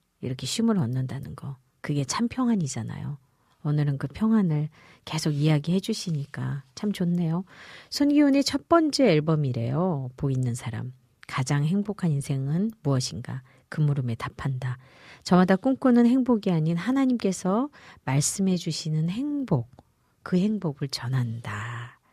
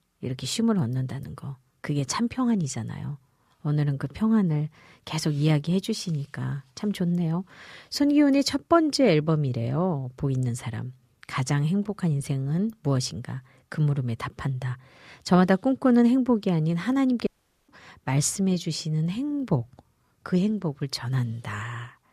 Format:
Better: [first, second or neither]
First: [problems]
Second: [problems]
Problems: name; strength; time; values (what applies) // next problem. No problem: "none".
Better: first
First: none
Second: audio cutting out; at 17 s